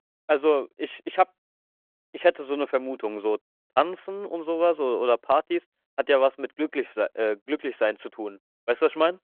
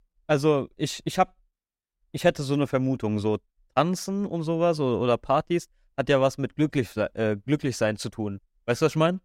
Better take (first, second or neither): second